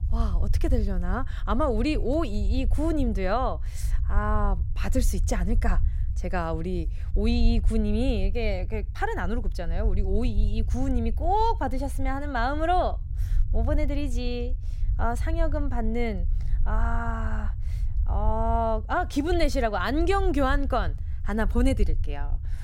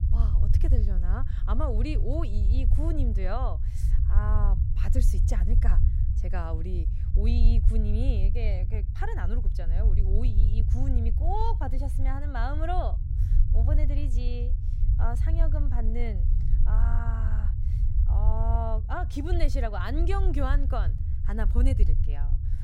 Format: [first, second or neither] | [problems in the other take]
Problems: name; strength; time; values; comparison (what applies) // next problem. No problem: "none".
first | low rumble; loud; throughout; 8 dB below the speech; faint in the first